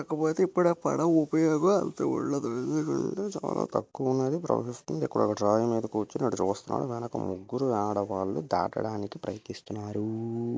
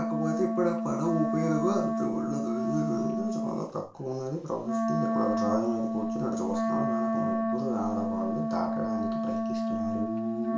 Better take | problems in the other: first | background sound (Wind instrument, woodwind instrument); 3 dB above the speech // room echo; dies away in 0.3 s

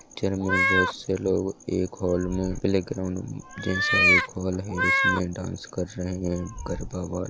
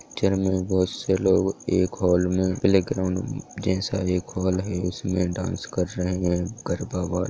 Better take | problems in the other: second | background sound (Meow); as loud as the speech

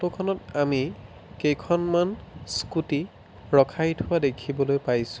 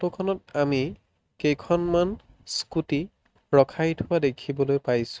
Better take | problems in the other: first | noise reduction (neural mask model RNNoise)

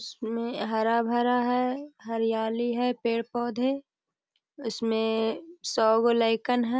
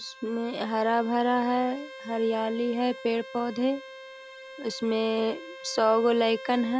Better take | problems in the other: first | background sound (Bowed string instrument); 16 dB below the speech

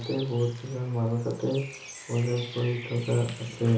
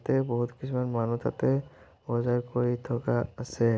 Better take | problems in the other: second | background sound (Bird); 16 dB below the speech // room echo; dies away in 0.8 s

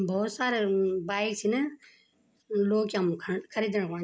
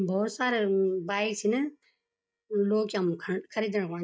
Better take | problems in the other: first | noise reduction (neural mask model DeepFilterNet 3)

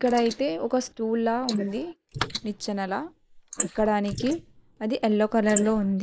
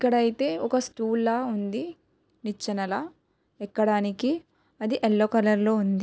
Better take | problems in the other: second | noise reduction (neural mask model Resemble Enhance denoiser)

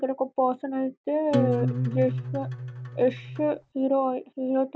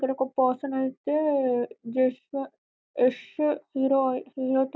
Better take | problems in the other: second | background sound (Acoustic guitar); 2 dB below the speech

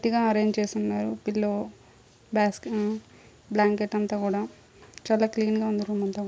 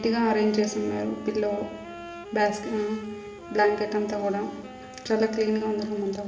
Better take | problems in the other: first | background sound (Wind instrument, woodwind instrument); 15 dB below the speech // room echo; dies away in 1.6 s

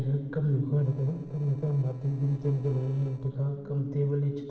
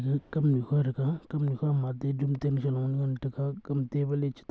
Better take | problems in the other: second | noise reduction (neural separator model SepFormer DNS4)

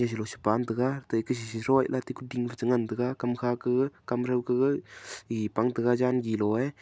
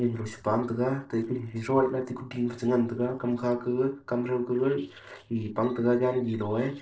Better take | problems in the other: first | noise reduction (neural separator model SepFormer DNS4)

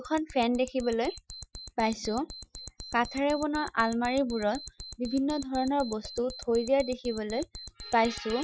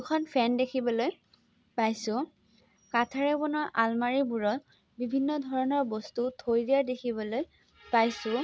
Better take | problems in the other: second | noise reduction (classical method Wiener filter)

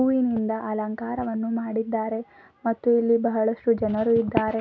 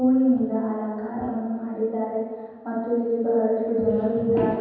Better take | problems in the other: first | room echo; dies away in 1.2 s

